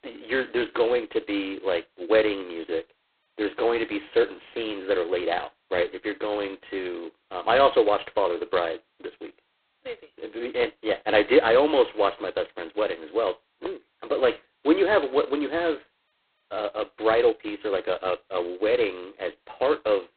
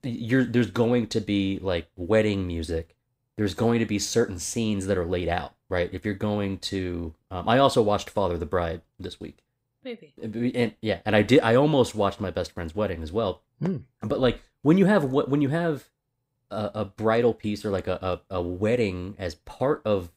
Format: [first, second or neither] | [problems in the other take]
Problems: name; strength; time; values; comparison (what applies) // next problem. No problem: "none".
second | phone-call audio; poor line; nothing above 4 kHz